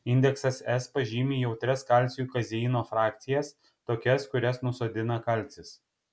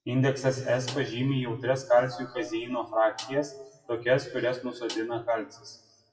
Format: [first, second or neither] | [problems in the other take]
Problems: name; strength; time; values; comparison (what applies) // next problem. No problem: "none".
first | noise reduction (classical method WPE with log-MMSE)